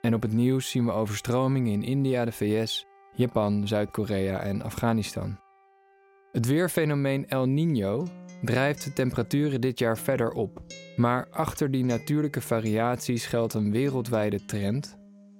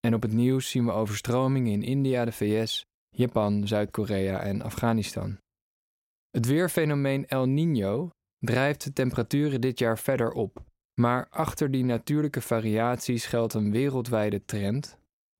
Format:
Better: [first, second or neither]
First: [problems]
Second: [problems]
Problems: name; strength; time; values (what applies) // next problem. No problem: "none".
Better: second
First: background music; faint; throughout; 25 dB below the speech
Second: none